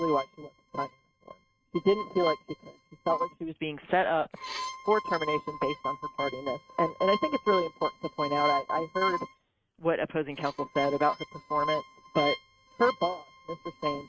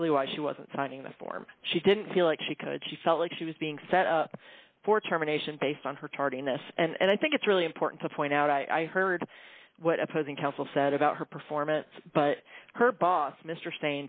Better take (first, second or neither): second